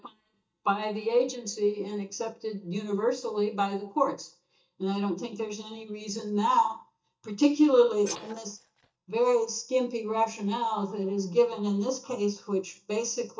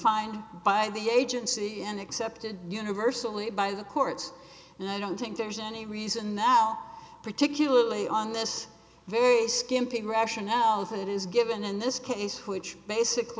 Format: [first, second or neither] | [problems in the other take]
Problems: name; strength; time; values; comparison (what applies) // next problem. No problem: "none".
second | noise reduction (neural mask model DeepFilterNet 3)